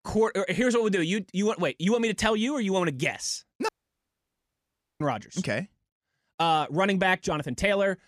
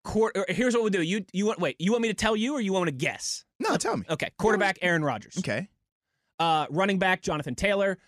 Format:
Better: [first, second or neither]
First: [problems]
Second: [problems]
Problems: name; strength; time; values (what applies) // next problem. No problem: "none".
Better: second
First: audio cutting out; at 3.5 s for 1.5 s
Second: none